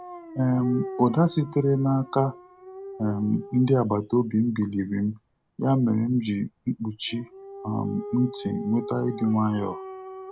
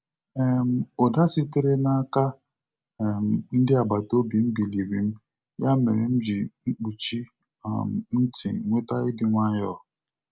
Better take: second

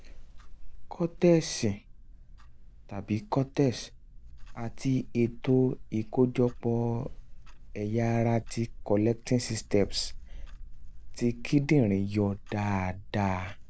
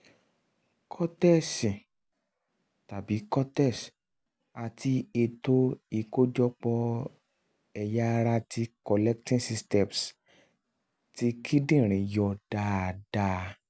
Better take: second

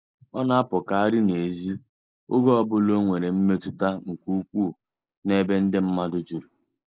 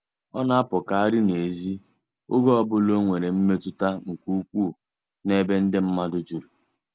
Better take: second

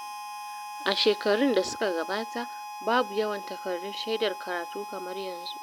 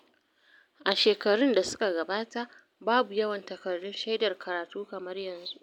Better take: second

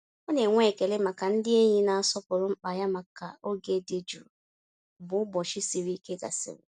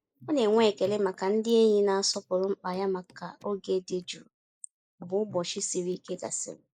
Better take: first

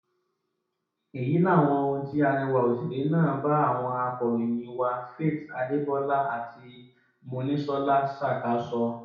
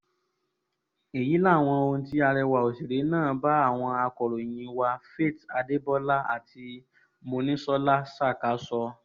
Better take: second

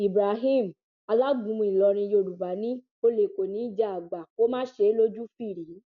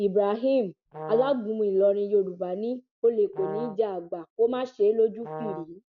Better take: first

